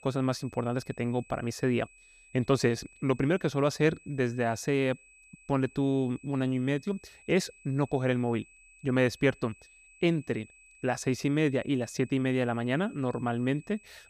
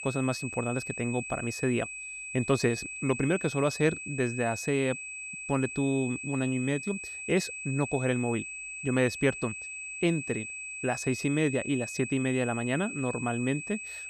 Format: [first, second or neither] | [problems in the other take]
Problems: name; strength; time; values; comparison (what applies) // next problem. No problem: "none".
first | high-pitched whine; loud; throughout; 2.5 kHz, 7 dB below the speech; faint in the first